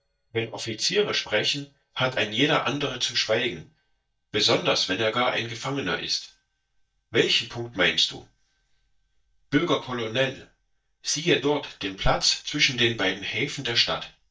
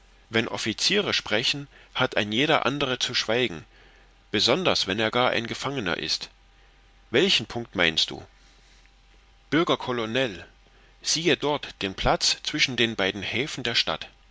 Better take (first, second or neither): second